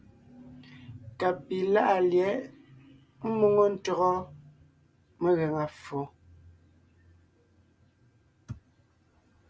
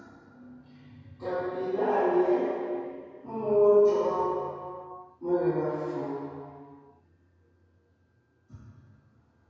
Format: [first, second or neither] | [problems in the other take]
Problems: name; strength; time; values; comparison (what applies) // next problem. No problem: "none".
first | room echo; dies away in 2.2 s